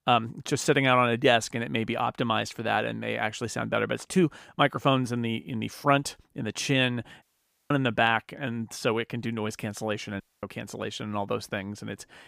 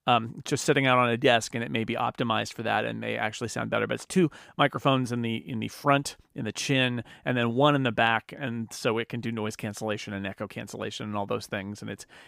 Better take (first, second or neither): second